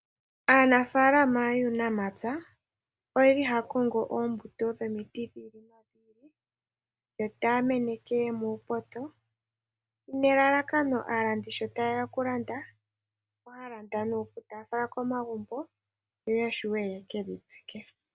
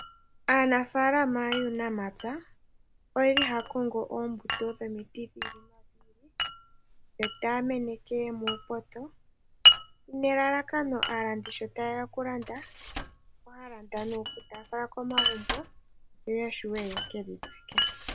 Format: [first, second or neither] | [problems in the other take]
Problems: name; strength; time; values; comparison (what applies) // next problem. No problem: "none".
first | background sound (Glass); 2 dB below the speech